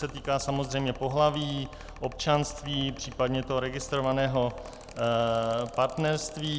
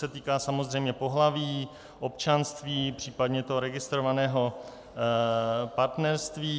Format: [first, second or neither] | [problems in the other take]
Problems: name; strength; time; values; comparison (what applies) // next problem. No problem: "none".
second | background sound (Mechanical fan); 16 dB below the speech